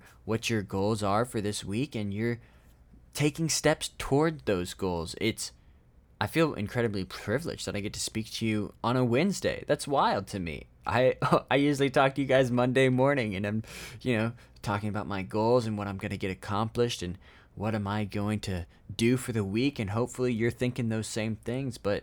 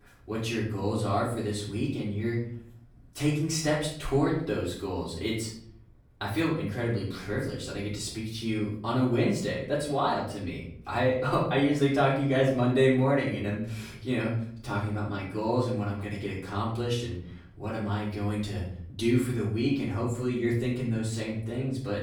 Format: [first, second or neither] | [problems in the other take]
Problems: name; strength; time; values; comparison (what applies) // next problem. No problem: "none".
first | off-mic speech; far // room echo; noticeable; dies away in 0.6 s